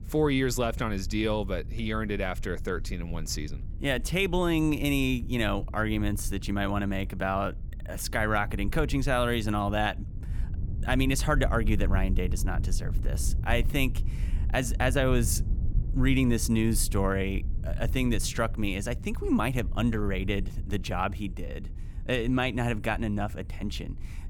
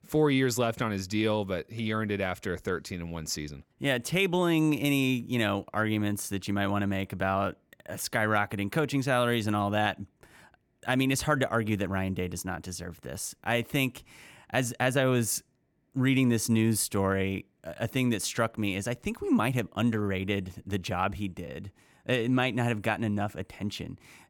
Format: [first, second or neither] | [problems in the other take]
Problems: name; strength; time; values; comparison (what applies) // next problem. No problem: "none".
second | low rumble; faint; throughout; 20 dB below the speech